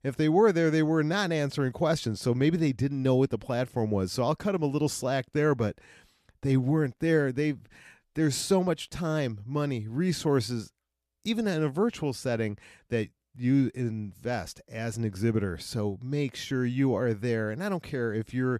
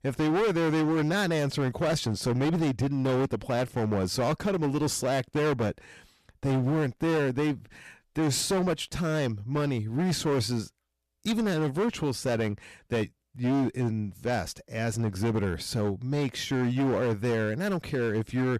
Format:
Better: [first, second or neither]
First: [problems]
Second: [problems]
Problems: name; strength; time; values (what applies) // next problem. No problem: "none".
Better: first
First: none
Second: distortion; heavy; 19% of the sound clipped